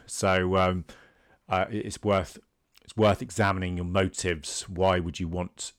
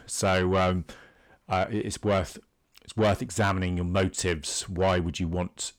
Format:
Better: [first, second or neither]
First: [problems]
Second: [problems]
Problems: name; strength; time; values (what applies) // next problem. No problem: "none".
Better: first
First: none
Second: distortion; slight; 10 dB below the speech